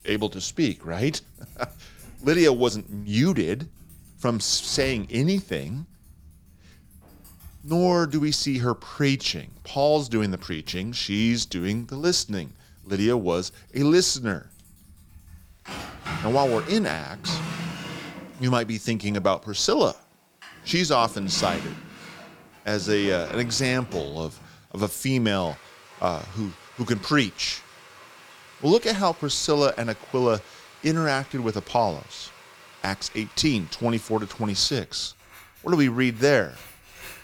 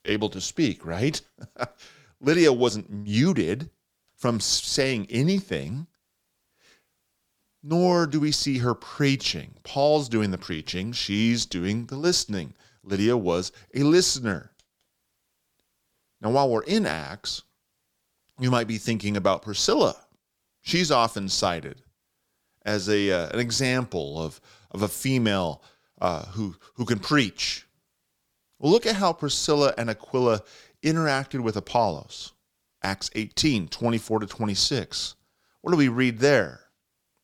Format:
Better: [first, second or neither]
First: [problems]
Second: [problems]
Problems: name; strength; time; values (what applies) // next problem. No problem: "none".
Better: second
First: household noises; noticeable; throughout; 15 dB below the speech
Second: none